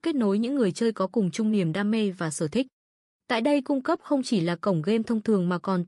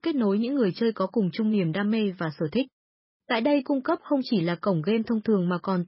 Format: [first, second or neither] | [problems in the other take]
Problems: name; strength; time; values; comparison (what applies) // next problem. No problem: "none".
first | garbled, watery; badly; nothing above 5.5 kHz; slightly in the first